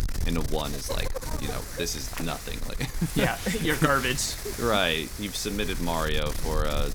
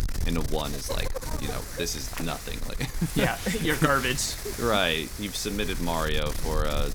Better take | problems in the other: neither | wind noise on the microphone; heavy; 10 dB below the speech; the same in both

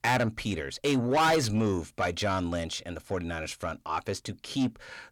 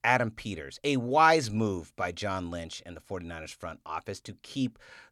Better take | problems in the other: second | distortion; heavy; 6 dB below the speech

